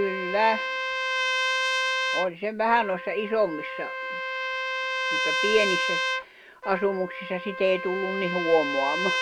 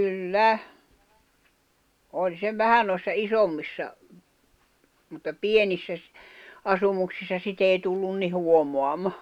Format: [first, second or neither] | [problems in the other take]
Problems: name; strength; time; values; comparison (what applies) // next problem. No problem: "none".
second | background sound (Trumpet); 1 dB below the speech